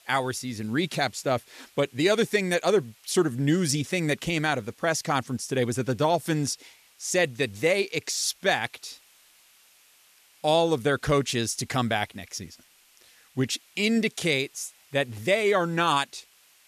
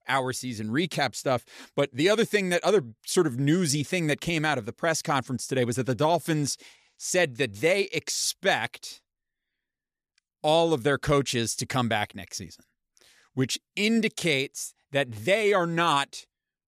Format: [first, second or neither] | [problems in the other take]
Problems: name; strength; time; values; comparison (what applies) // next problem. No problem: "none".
second | hiss; faint; throughout; 30 dB below the speech